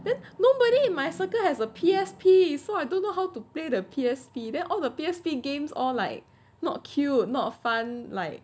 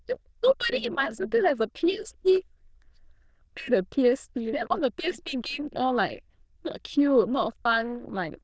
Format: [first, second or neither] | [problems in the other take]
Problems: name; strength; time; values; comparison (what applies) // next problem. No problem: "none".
first | noise reduction (neural diffusion model UNIVERSE++)